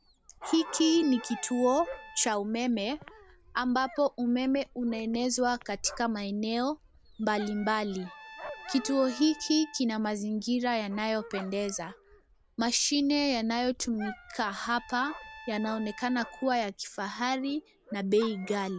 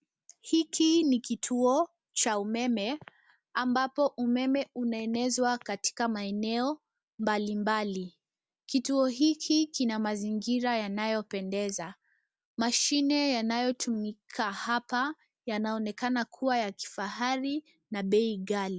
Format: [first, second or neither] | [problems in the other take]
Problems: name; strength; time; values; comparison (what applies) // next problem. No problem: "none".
second | background sound (Dog + Trumpet); 17 dB below the speech